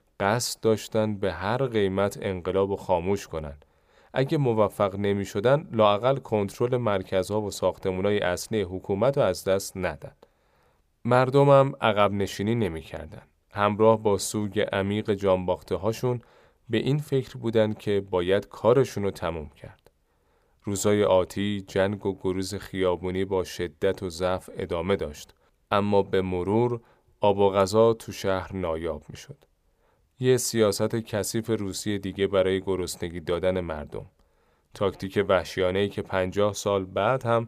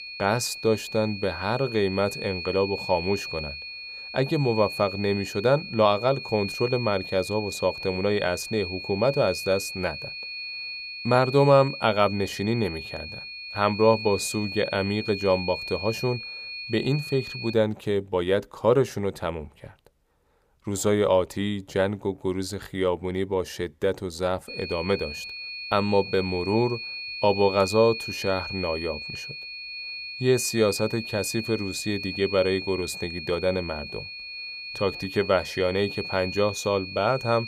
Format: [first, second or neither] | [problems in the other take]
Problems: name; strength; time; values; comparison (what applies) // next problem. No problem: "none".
first | high-pitched whine; loud; until 18 s and from 24 s on; 2.5 kHz, 8 dB below the speech